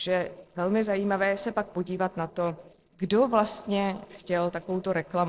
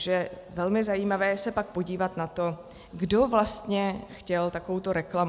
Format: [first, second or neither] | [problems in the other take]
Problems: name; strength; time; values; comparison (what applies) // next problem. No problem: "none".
second | noise reduction (neural separator model SepFormer DNS4)